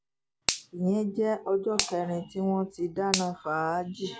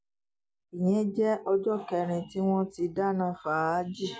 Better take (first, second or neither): second